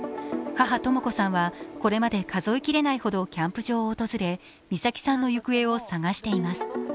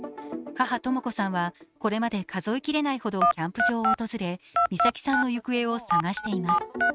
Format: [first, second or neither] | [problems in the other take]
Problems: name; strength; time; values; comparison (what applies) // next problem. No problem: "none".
first | noise reduction (neural mask model RNNoise)